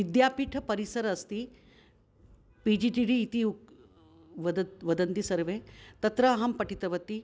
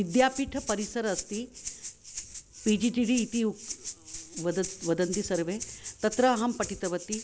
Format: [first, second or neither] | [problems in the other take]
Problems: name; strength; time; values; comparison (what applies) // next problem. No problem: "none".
first | background sound (Rattle (instrument) + Rattle (instrument)); 11 dB below the speech